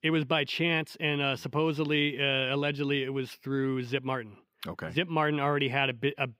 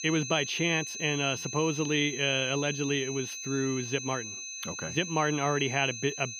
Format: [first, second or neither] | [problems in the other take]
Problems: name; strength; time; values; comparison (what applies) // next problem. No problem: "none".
first | high-pitched whine; loud; throughout; 6.5 kHz, 7 dB below the speech